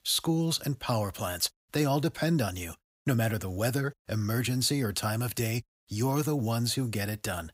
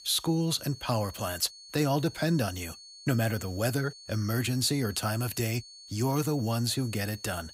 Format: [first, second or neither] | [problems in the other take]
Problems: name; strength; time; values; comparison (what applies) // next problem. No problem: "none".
first | high-pitched whine; noticeable; throughout; 4.5 kHz, 15 dB below the speech